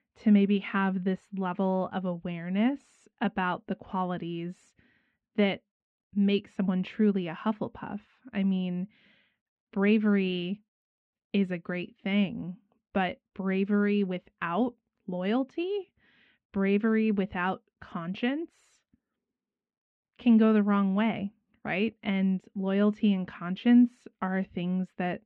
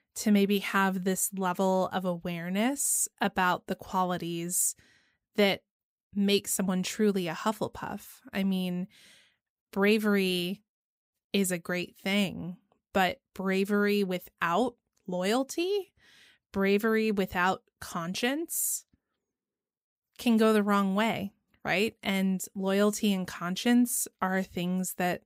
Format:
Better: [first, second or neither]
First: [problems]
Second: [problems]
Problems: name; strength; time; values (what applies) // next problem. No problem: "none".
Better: second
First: muffled; very; fading above 3 kHz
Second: none